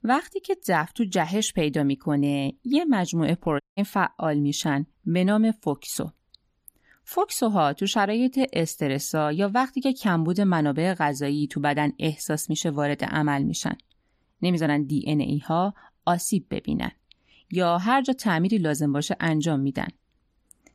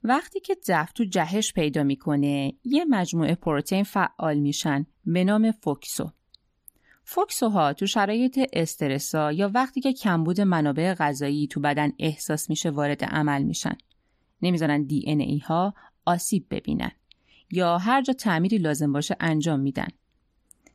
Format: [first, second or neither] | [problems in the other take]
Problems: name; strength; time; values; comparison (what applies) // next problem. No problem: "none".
second | audio cutting out; at 3.5 s